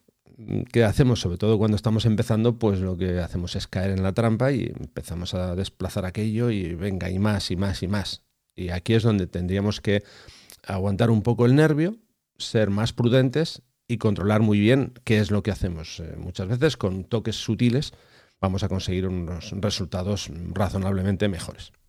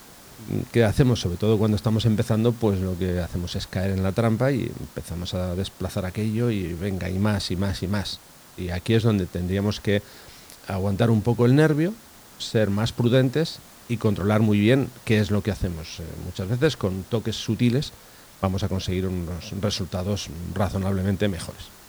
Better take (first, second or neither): first